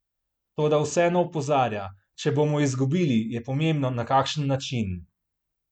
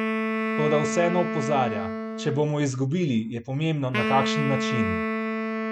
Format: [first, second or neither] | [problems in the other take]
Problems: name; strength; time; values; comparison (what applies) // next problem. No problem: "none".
first | background sound (Wind instrument, woodwind instrument); 2 dB below the speech